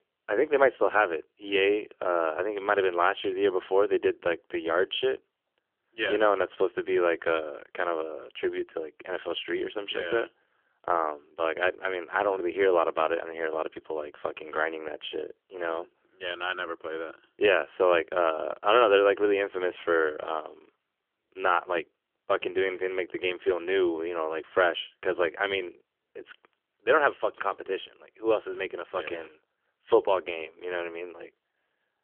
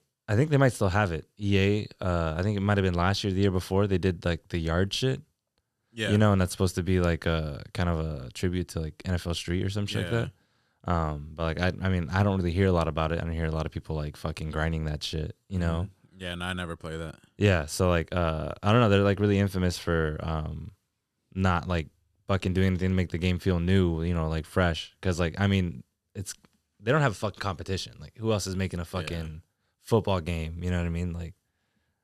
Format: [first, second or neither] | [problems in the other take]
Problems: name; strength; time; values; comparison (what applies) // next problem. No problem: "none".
second | phone-call audio; nothing above 3.5 kHz